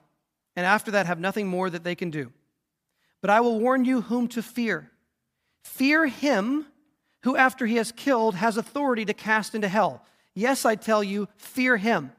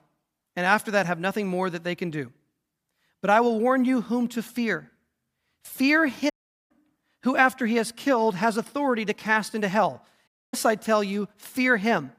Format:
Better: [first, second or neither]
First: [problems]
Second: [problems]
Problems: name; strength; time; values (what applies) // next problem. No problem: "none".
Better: first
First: none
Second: audio cutting out; at 6.5 s and at 10 s